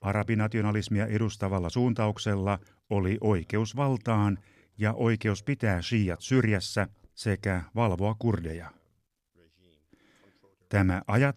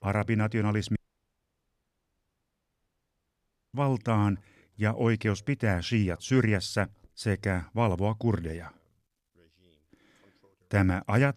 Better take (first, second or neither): first